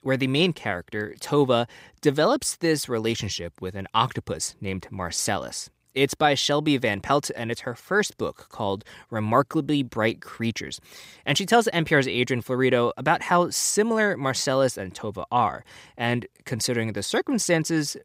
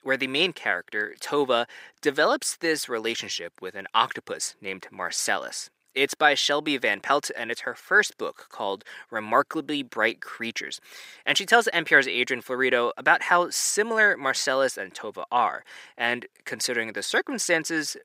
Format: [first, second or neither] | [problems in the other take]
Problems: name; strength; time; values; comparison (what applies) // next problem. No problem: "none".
first | thin; somewhat; fading below 350 Hz